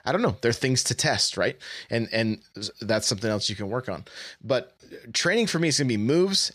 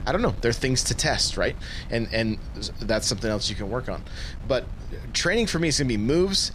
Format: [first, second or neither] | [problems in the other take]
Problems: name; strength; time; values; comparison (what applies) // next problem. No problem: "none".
first | wind noise on the microphone; occasional gusts; 20 dB below the speech